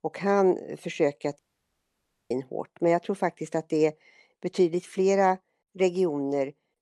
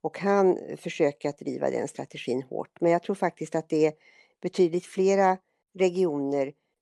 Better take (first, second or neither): second